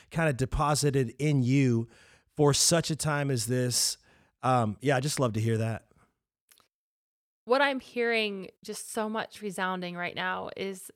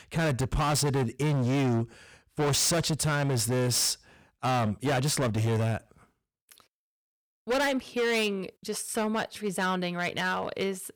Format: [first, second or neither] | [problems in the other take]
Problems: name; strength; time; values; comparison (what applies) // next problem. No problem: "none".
first | distortion; heavy; 19% of the sound clipped